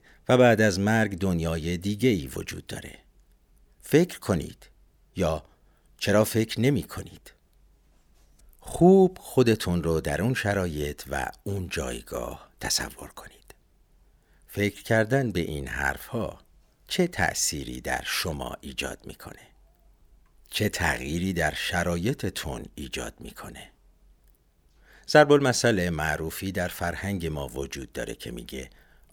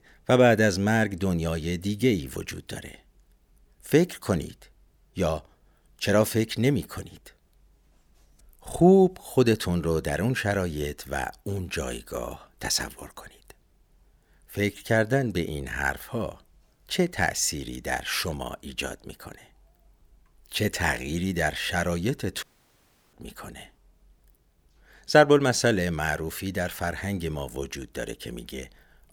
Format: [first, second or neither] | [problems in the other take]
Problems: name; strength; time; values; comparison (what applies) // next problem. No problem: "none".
first | audio cutting out; at 22 s for 0.5 s